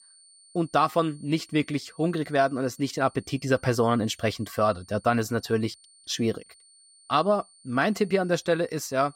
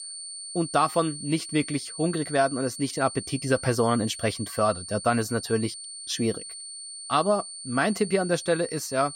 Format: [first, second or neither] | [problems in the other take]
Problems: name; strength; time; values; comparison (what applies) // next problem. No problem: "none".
first | high-pitched whine; loud; throughout; 9 kHz, 10 dB below the speech; faint in the first